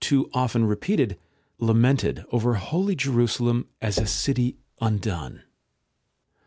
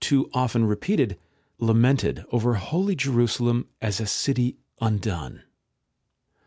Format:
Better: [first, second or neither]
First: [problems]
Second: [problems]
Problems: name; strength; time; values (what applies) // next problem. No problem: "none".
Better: second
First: background sound (Knock / Wood); 13 dB below the speech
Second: none